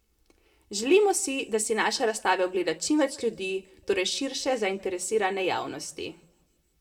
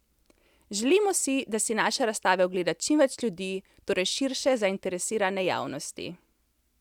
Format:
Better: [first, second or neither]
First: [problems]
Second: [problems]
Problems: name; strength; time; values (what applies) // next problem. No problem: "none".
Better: second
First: room echo; dies away in 0.5 s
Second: none